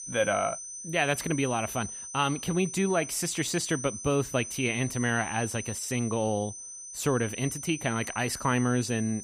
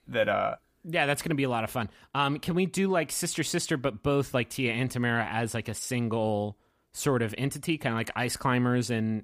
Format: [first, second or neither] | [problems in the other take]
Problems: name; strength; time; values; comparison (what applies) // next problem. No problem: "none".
second | high-pitched whine; loud; throughout; 6 kHz, 9 dB below the speech